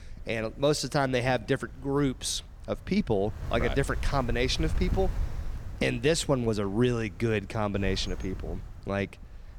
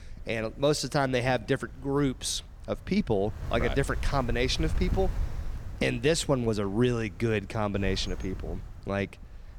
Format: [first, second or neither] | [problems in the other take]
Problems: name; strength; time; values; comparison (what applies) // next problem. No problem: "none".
neither | wind noise on the microphone; occasional gusts; 20 dB below the speech; the same in both